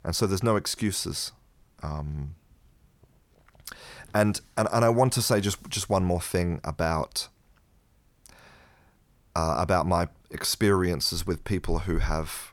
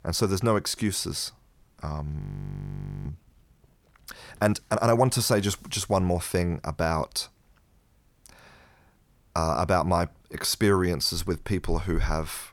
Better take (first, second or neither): first